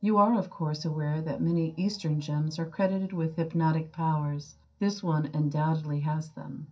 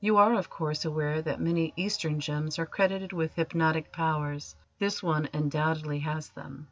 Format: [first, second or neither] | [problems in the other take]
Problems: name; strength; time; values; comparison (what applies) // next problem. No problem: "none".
second | room echo; dies away in 0.3 s